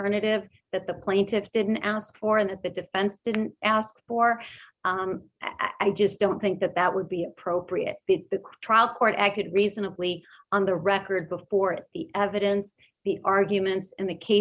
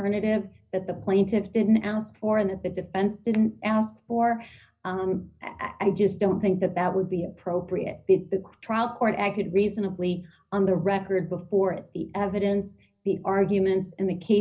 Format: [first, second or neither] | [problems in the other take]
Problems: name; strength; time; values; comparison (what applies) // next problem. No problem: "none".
first | room echo; dies away in 0.5 s